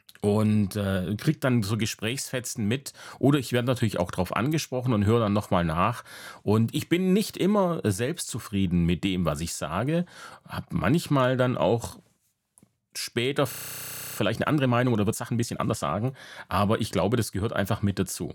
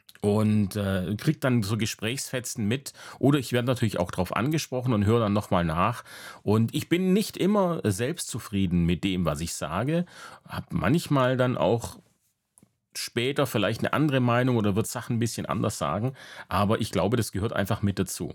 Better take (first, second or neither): second